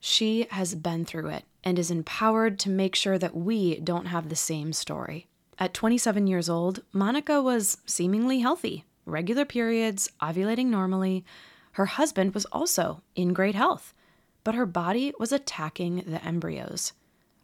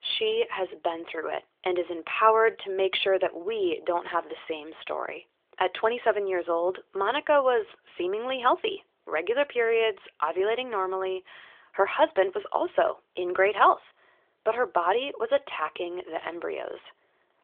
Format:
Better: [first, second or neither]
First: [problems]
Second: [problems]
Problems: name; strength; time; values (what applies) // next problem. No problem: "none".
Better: first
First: none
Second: phone-call audio; nothing above 3.5 kHz